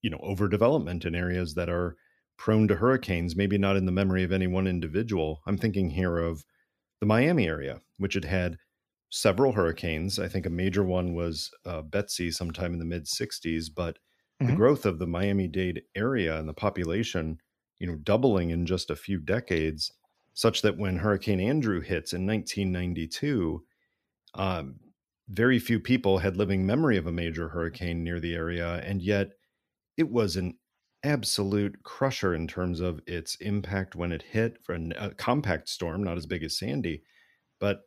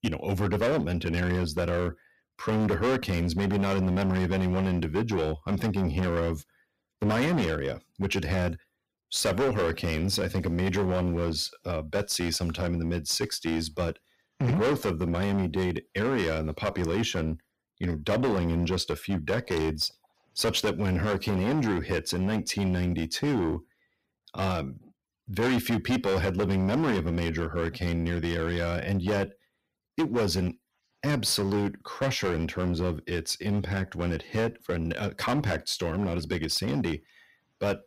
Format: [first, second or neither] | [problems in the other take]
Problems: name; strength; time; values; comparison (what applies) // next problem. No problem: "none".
first | distortion; heavy; 13% of the sound clipped